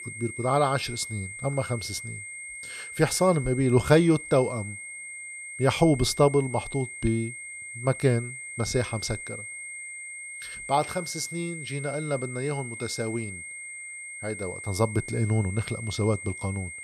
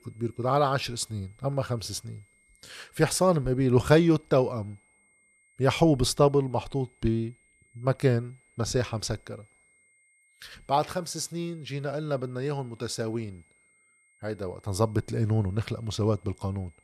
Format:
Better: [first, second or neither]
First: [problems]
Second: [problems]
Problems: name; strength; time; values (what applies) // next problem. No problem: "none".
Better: second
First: high-pitched whine; loud; throughout; 2 kHz, 10 dB below the speech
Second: high-pitched whine; faint; throughout; 2 kHz, 35 dB below the speech